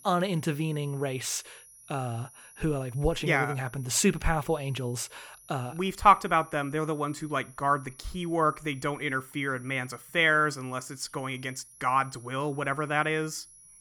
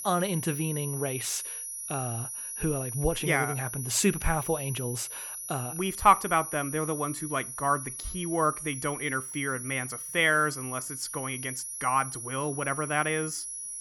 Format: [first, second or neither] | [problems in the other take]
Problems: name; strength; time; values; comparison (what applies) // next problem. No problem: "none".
first | high-pitched whine; loud; throughout; 10.5 kHz, 6 dB below the speech; faint in the first